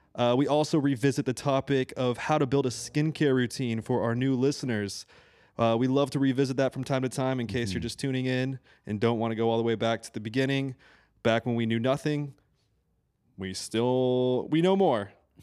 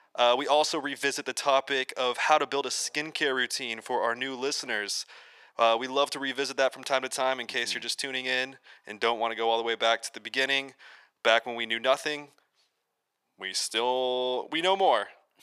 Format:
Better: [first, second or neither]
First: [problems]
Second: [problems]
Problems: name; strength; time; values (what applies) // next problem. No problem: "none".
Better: first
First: none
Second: thin; very; fading below 800 Hz